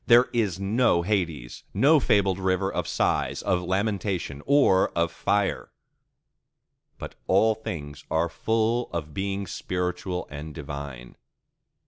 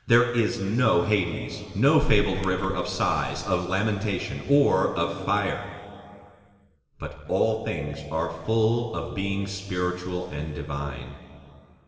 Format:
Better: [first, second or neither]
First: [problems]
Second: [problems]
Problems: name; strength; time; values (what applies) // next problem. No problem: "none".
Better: first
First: none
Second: background sound (Water / Splash, splatter); 18 dB below the speech // room echo; dies away in 2.6 s